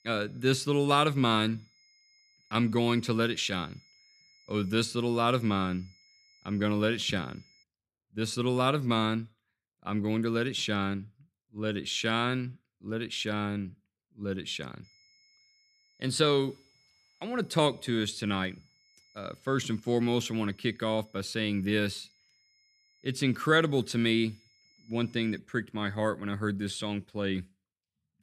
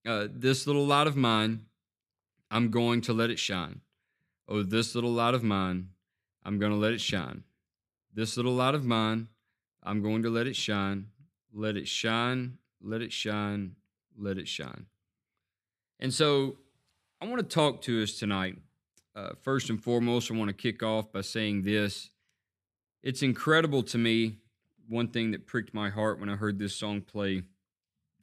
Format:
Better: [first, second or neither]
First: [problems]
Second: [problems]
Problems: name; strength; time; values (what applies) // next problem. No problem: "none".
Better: second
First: high-pitched whine; faint; until 7.5 s and from 15 to 25 s; 5 kHz, 30 dB below the speech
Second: none